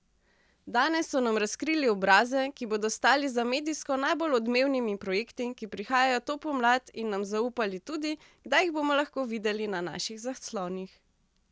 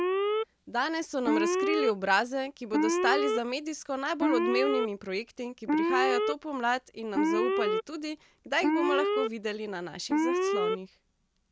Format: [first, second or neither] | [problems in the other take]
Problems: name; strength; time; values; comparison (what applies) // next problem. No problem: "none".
first | background sound (Alarm); 2 dB above the speech